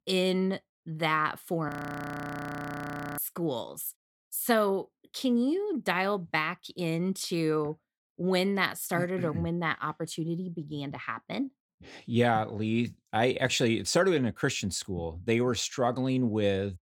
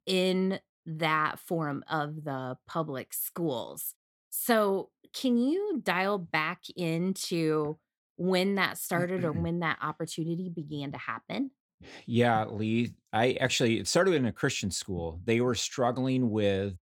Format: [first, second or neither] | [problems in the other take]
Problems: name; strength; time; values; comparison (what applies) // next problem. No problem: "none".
second | audio freezing; at 1.5 s for 1.5 s